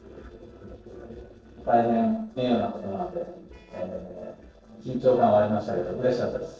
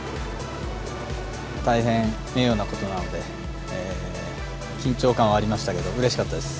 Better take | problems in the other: second | noise reduction (neural separator model SepFormer DNS4)

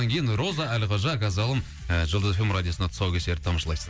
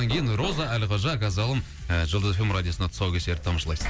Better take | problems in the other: first | background sound (Knock); 12 dB below the speech

